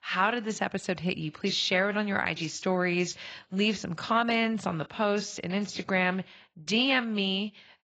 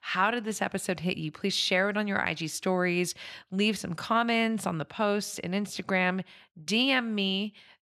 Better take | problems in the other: second | garbled, watery; badly; nothing above 7.5 kHz

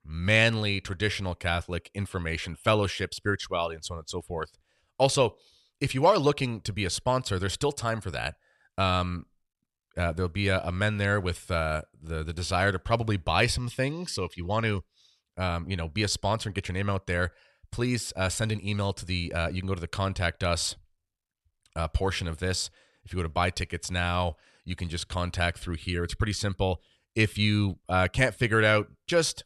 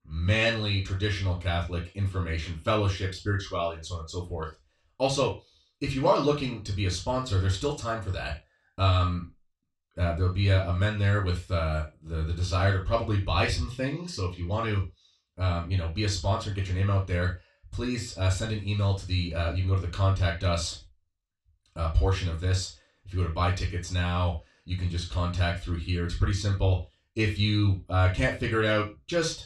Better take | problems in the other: first | room echo; noticeable; dies away in 0.2 s // off-mic speech; far

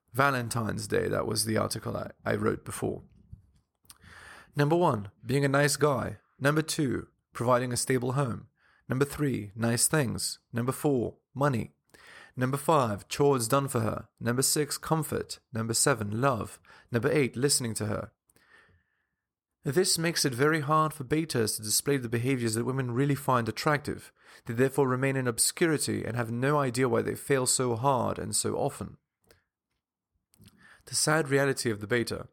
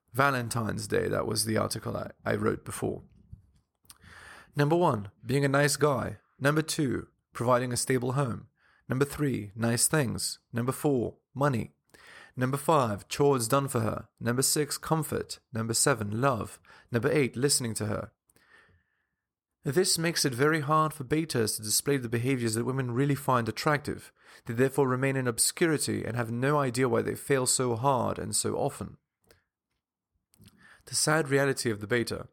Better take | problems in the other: neither | none

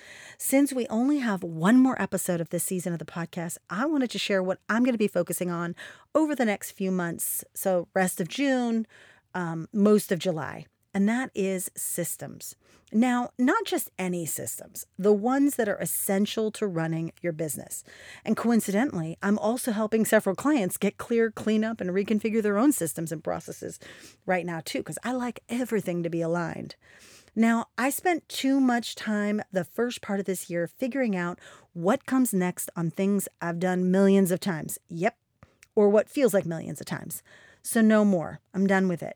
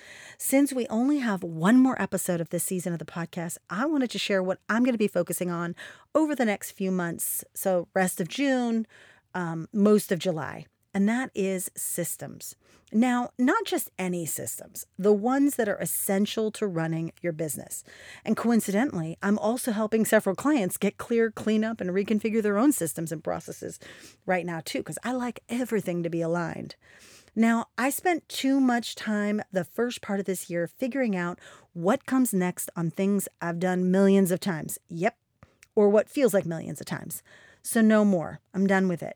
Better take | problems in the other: neither | none

